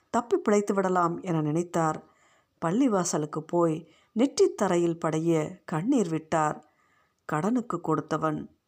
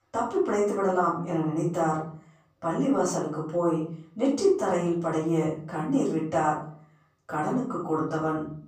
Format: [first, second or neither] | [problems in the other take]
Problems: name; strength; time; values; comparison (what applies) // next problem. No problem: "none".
first | off-mic speech; far // room echo; noticeable; dies away in 0.4 s